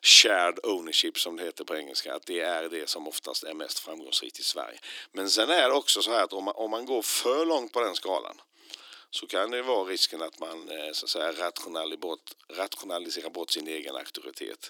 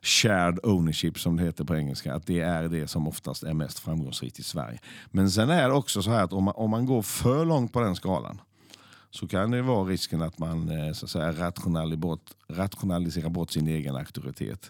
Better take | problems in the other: second | thin; very; fading below 300 Hz

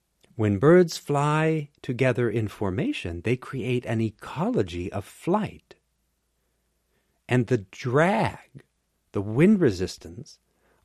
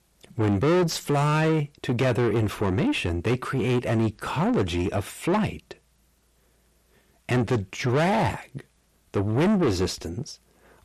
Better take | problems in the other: first | distortion; heavy; 6 dB below the speech

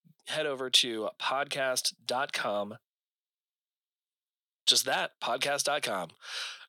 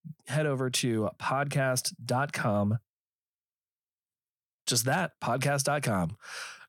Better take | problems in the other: second | thin; somewhat; fading below 450 Hz

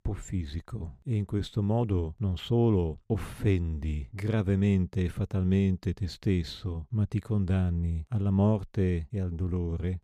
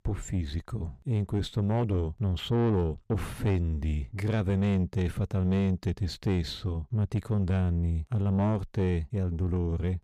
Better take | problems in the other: first | distortion; slight; 10 dB below the speech

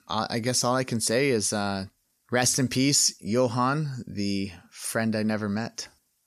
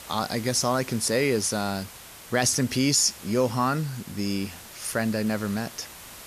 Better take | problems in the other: first | hiss; noticeable; throughout; 15 dB below the speech

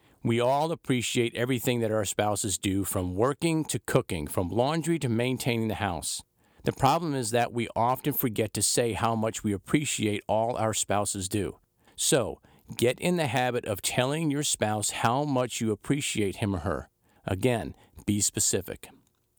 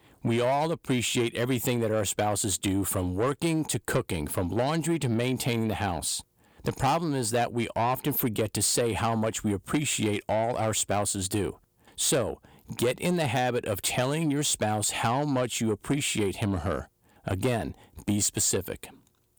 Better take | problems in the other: first | distortion; slight; 10 dB below the speech

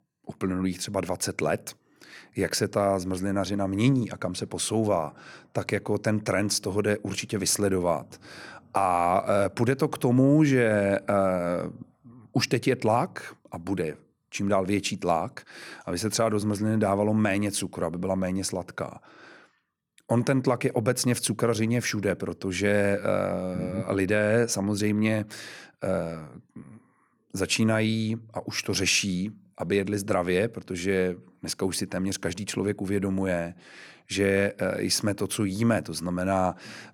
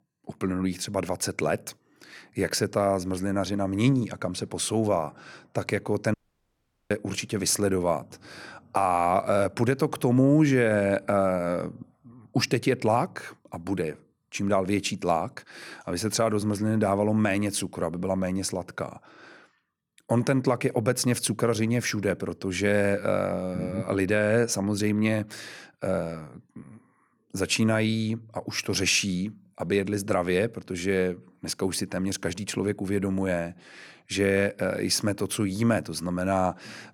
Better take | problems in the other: first | audio cutting out; at 6 s for 1 s

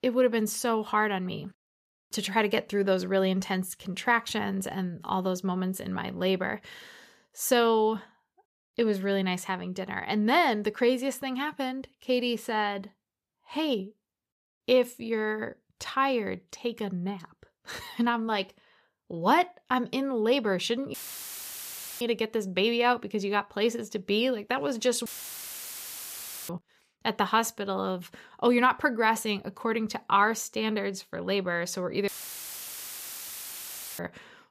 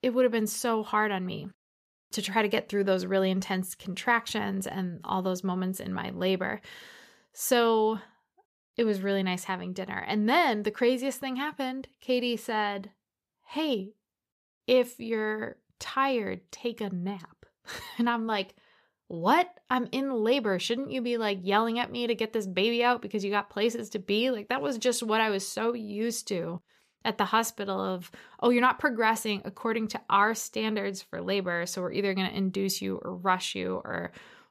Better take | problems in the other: second | audio cutting out; filled with static; at 21 s for 1 s, at 25 s for 1.5 s and at 32 s for 2 s

